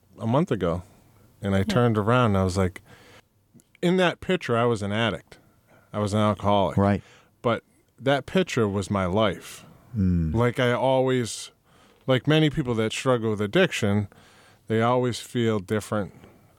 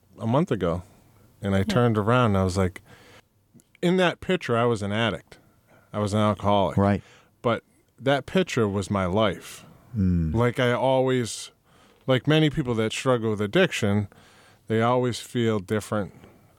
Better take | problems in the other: neither | none

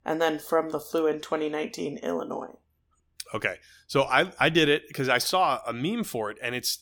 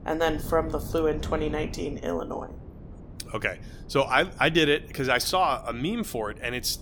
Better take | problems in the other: first | wind noise on the microphone; occasional gusts; 20 dB below the speech

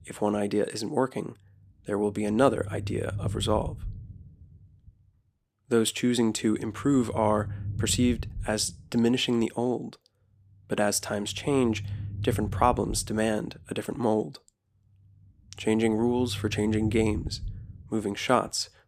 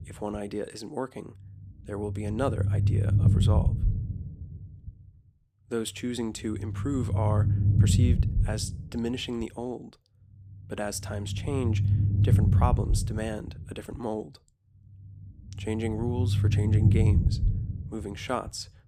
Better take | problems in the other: first | low rumble; loud; throughout; 4 dB below the speech; faint in the first

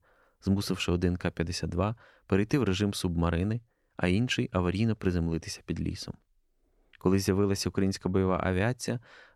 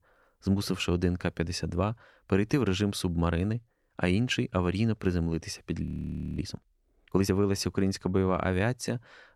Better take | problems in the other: first | audio freezing; at 6 s for 0.5 s

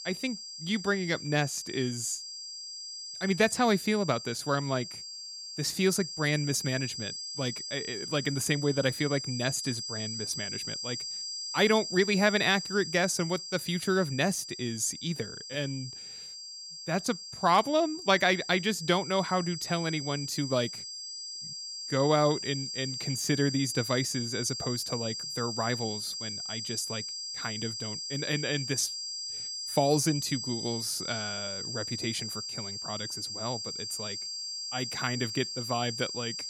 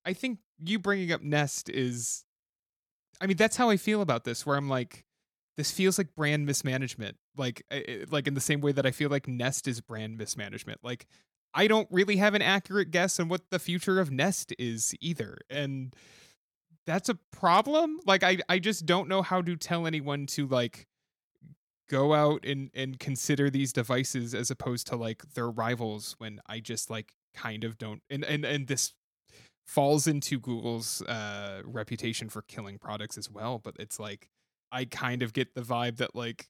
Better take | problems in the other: second | high-pitched whine; loud; throughout; 5 kHz, 6 dB below the speech

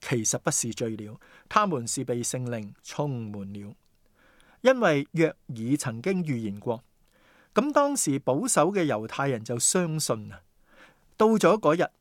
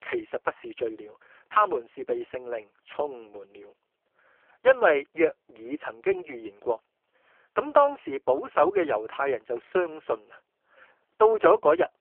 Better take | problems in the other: first | phone-call audio; poor line

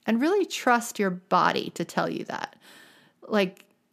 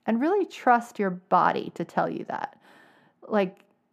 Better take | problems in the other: first | muffled; slightly; fading above 2.5 kHz

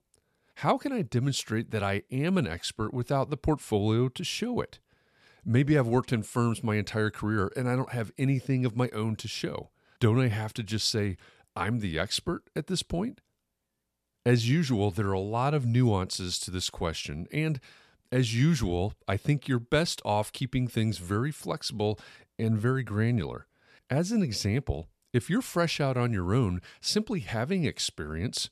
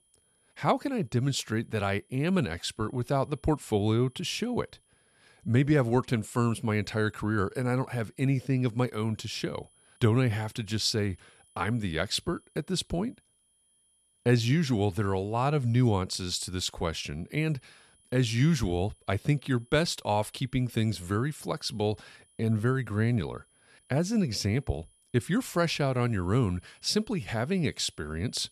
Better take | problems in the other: first | high-pitched whine; faint; throughout; 10 kHz, 35 dB below the speech

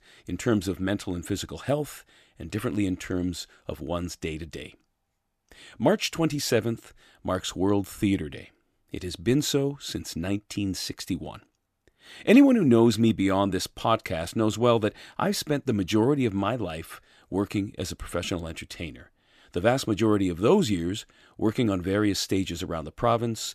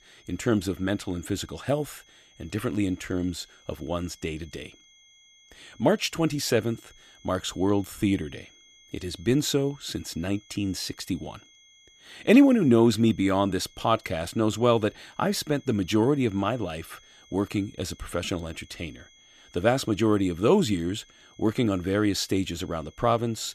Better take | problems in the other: first | high-pitched whine; faint; throughout; 3.5 kHz, 30 dB below the speech

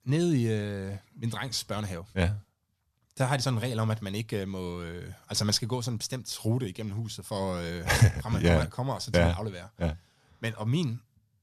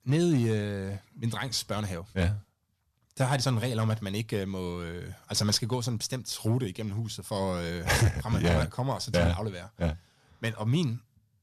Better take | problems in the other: first | distortion; slight; 1.8% of the sound clipped

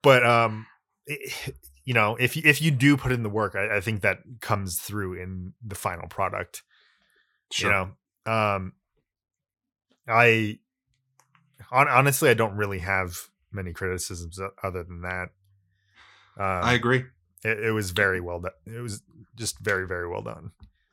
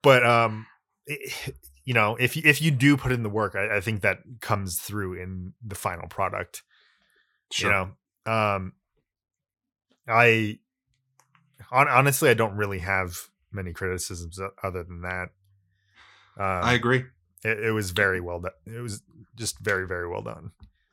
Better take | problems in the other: neither | none

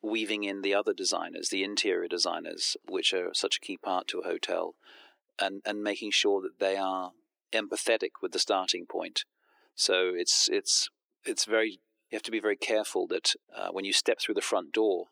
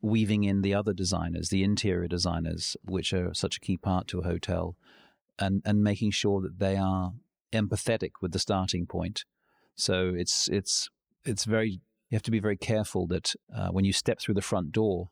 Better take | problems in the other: second | thin; very; fading below 300 Hz

